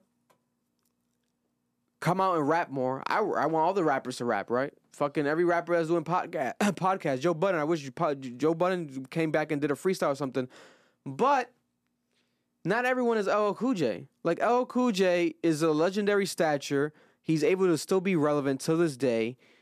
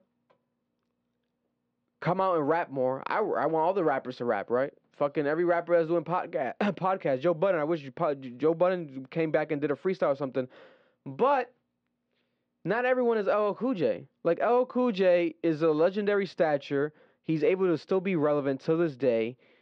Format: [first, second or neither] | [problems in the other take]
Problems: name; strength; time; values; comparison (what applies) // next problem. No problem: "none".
first | muffled; slightly; fading above 4 kHz